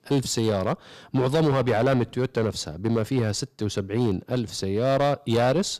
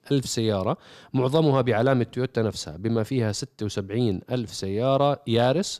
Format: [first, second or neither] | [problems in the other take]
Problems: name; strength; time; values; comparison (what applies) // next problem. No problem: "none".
second | distortion; slight; 7% of the sound clipped